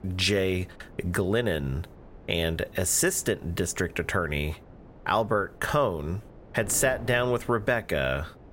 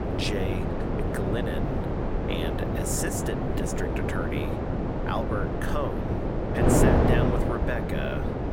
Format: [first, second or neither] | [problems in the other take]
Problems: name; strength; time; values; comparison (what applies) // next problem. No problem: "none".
first | wind noise on the microphone; heavy; 3 dB above the speech; occasional gusts in the first